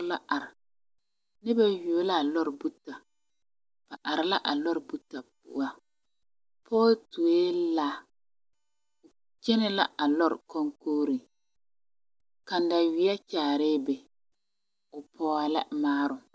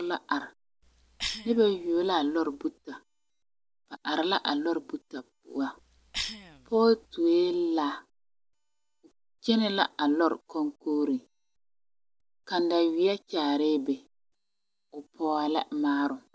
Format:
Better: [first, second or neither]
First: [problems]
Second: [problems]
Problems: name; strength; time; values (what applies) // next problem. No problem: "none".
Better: first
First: none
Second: background sound (Cough); 14 dB below the speech